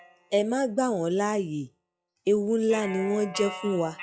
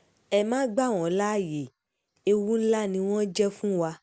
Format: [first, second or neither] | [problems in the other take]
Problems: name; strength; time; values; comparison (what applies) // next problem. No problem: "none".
second | noise reduction (classical method log-MMSE)